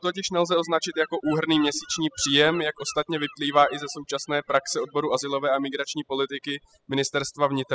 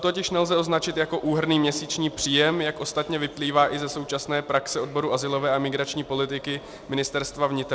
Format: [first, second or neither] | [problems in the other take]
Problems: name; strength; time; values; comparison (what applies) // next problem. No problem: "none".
second | noise reduction (classical method spectral subtraction)